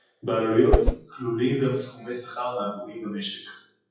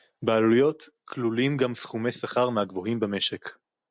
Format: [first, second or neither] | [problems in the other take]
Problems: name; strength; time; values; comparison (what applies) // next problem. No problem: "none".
second | noise reduction (classical method WPE with log-MMSE)